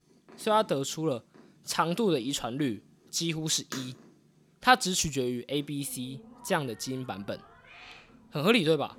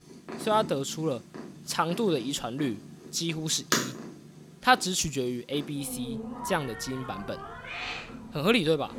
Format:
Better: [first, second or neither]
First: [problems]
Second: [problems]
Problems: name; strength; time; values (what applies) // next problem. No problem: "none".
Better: first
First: animal sounds; faint; throughout; 20 dB below the speech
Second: animal sounds; loud; throughout; 9 dB below the speech